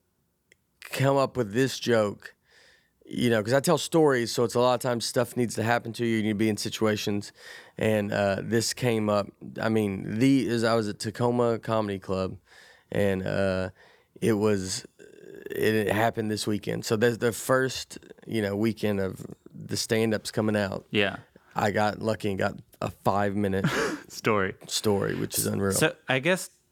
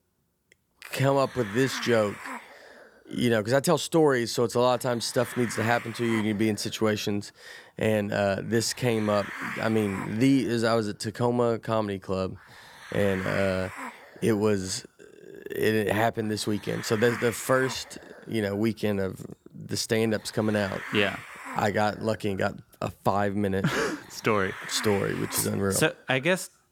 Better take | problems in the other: first | hiss; noticeable; throughout; 10 dB below the speech

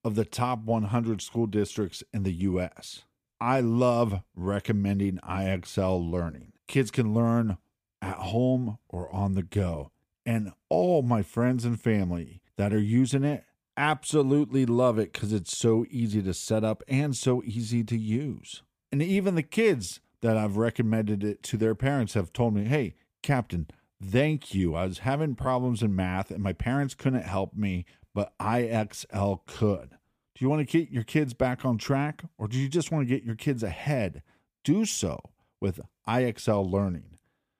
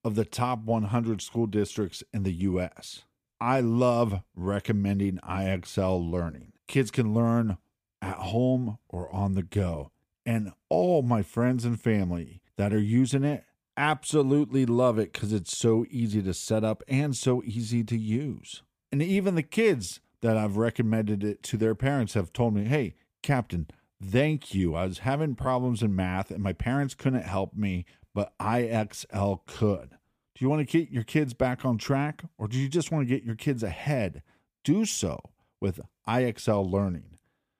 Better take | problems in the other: neither | none

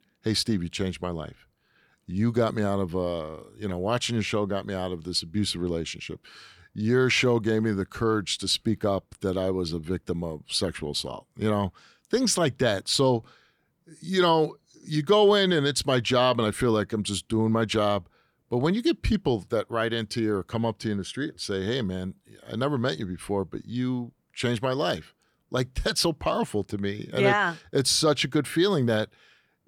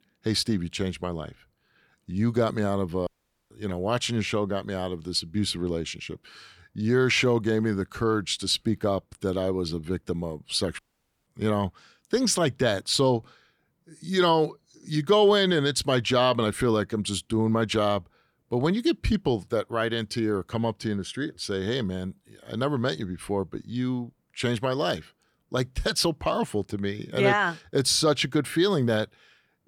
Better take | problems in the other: first | audio cutting out; at 3 s and at 11 s

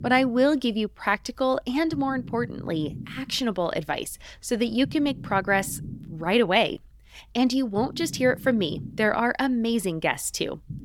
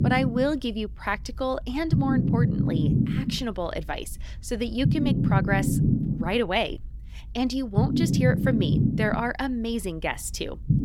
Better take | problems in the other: first | low rumble; loud; throughout; 4 dB below the speech; faint in the first

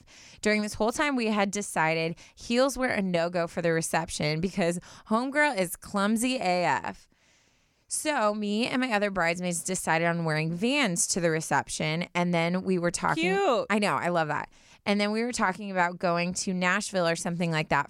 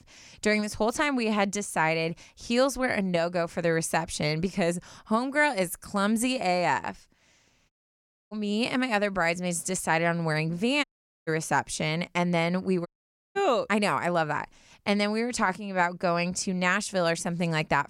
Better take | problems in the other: first | audio cutting out; at 7.5 s for 0.5 s, at 11 s and at 13 s

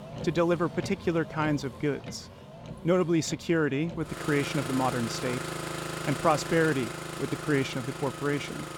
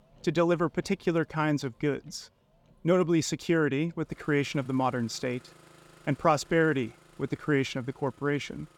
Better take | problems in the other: second | traffic noise; loud; throughout; 9 dB below the speech; faint in the second

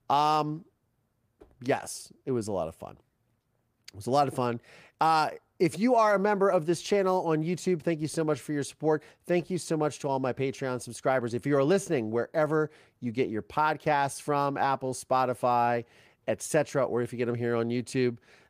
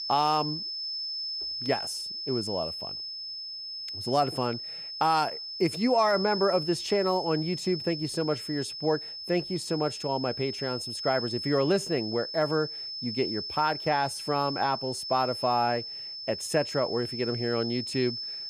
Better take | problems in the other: first | high-pitched whine; loud; throughout; 5 kHz, 5 dB below the speech

